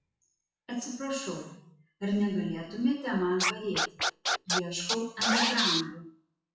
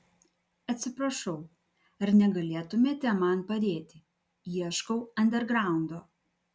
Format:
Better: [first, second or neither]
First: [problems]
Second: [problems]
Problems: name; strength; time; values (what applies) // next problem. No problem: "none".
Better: second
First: noise reduction (classical method WPE with log-MMSE)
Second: none